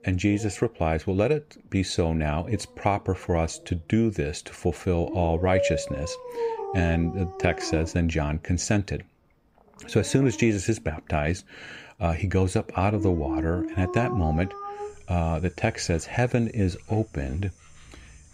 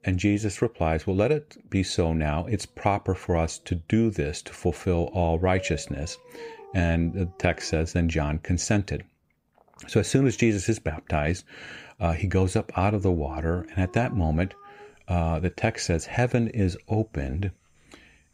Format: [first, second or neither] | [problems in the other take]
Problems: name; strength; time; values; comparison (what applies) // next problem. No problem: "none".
second | animal sounds; loud; throughout; 7 dB below the speech; faint in the second